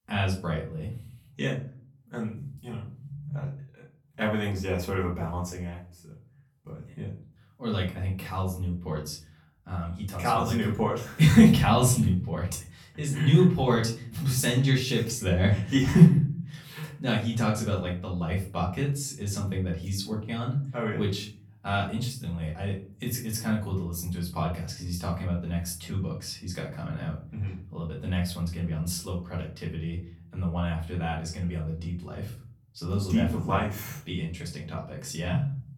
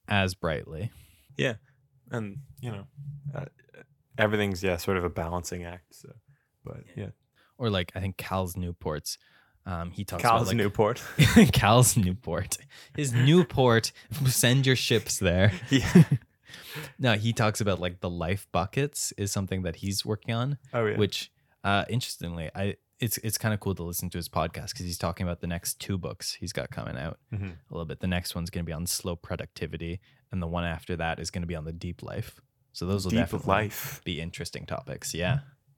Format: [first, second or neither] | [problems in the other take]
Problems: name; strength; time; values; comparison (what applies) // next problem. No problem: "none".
second | off-mic speech; far // room echo; slight; dies away in 0.4 s